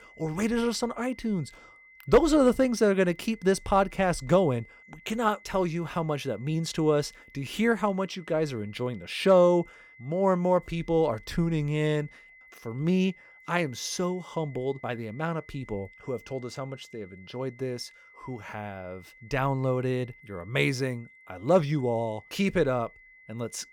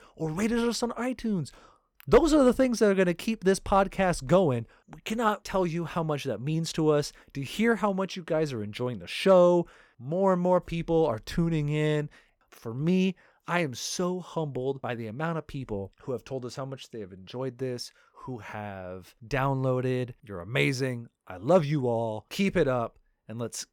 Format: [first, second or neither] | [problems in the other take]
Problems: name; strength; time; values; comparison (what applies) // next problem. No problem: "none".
second | high-pitched whine; faint; throughout; 2 kHz, 25 dB below the speech